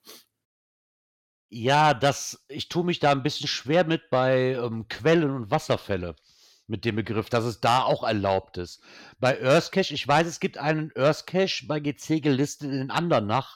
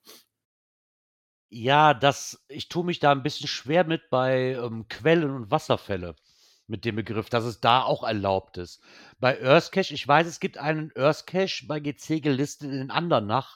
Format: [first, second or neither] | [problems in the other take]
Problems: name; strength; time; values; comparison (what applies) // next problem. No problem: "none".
second | distortion; slight; 10 dB below the speech